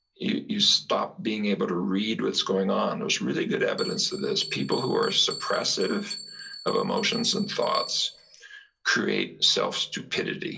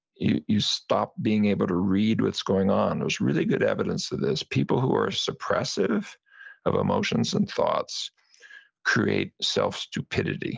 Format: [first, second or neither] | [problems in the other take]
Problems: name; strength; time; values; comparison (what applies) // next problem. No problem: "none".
second | background sound (Bell); 16 dB below the speech // room echo; dies away in 0.2 s